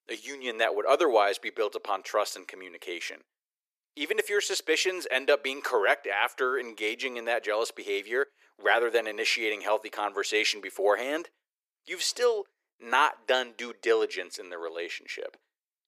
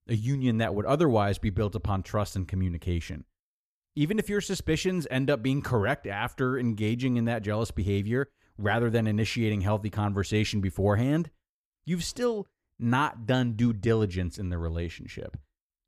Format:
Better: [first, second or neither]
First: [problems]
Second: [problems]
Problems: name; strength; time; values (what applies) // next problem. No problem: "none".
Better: second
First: thin; very; fading below 400 Hz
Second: none